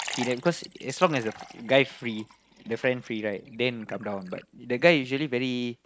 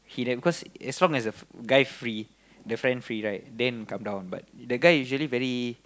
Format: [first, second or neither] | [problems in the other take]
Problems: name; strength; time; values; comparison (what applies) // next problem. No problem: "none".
second | noise reduction (neural mask model RNNoise)